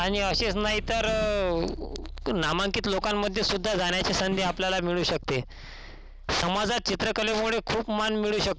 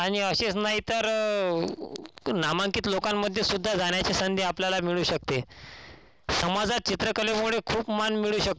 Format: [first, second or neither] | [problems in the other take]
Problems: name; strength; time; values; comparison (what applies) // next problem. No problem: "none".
second | background sound (Keyboard (musical) + Snare drum); 12 dB below the speech